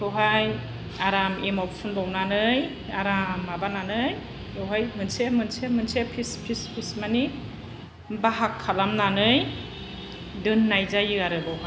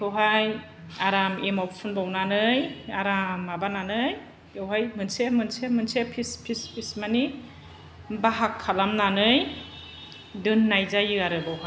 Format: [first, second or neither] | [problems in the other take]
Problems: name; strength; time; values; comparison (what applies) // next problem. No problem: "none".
second | background sound (Guitar); 12 dB below the speech